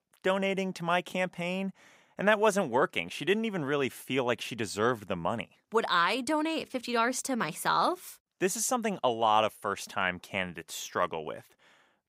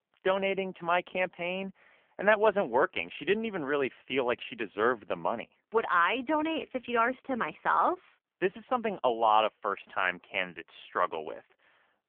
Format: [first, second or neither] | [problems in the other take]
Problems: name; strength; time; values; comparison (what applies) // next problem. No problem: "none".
first | phone-call audio; poor line; nothing above 3 kHz